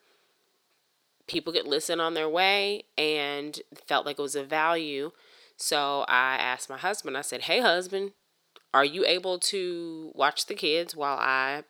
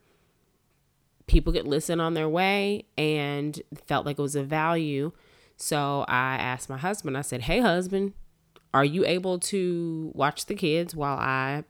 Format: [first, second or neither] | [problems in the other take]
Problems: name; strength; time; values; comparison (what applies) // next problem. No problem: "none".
second | thin; somewhat; fading below 450 Hz